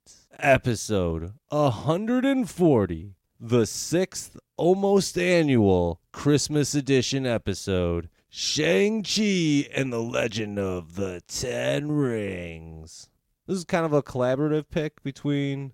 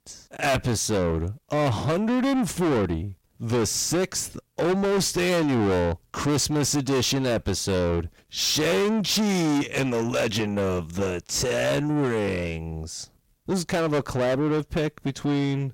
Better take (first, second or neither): first